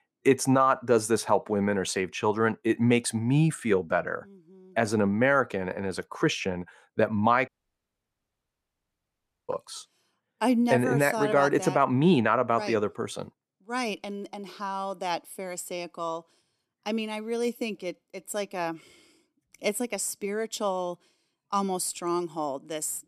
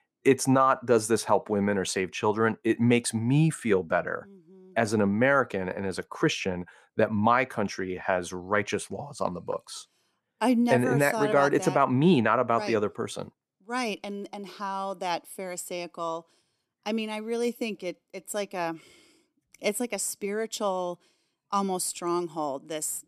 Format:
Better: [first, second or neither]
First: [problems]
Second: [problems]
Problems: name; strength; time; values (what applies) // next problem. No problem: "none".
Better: second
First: audio cutting out; at 7.5 s for 2 s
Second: none